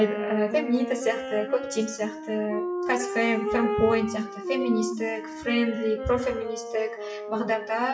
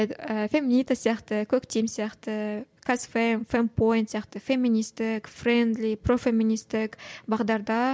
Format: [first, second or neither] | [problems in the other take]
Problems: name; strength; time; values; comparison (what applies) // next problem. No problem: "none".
second | noise reduction (classical method WPE with log-MMSE)